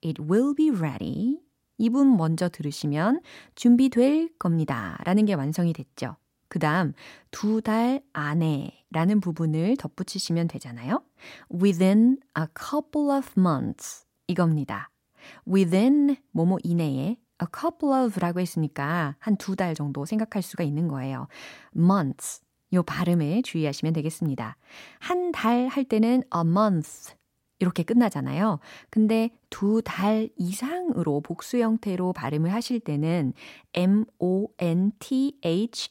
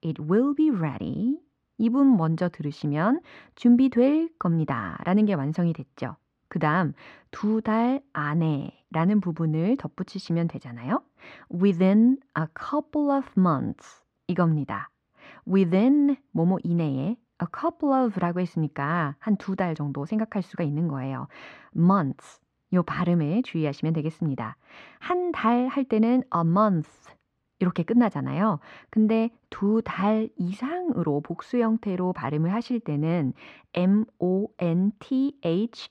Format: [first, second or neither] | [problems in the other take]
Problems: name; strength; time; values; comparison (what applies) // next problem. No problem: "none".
first | muffled; slightly; fading above 3 kHz